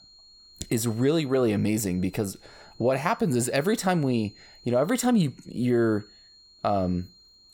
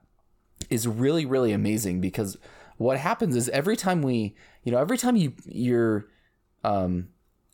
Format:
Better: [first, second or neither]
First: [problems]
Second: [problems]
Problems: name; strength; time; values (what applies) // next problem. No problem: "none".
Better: second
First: high-pitched whine; faint; throughout; 4.5 kHz, 25 dB below the speech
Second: none